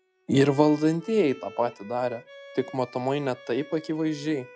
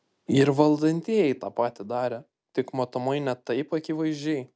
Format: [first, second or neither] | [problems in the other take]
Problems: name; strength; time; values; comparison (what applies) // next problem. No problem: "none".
second | noise reduction (classical method log-MMSE)